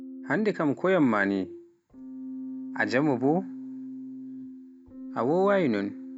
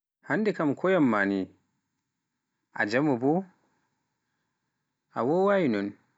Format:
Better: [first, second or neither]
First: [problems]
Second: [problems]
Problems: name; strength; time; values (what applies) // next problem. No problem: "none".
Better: second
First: background sound (Keyboard (musical)); 12 dB below the speech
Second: none